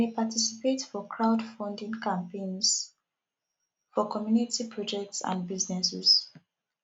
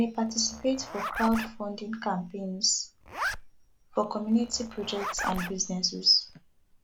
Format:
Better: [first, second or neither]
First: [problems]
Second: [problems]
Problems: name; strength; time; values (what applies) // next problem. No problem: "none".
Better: first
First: none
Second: background sound (Zipper (clothing)); 10 dB below the speech